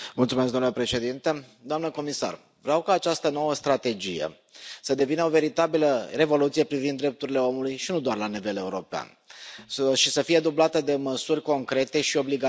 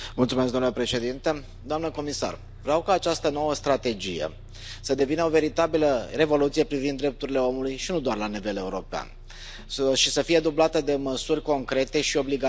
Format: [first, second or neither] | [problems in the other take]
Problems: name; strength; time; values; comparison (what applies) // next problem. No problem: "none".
first | background sound (Bus); 17 dB below the speech